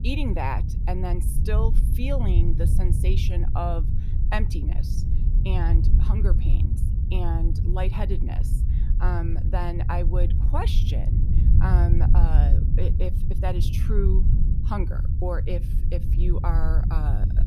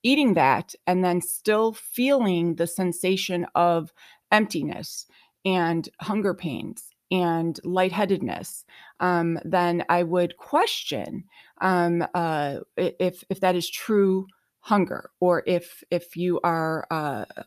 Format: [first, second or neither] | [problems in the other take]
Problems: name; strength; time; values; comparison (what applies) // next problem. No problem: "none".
second | low rumble; loud; throughout; 6 dB below the speech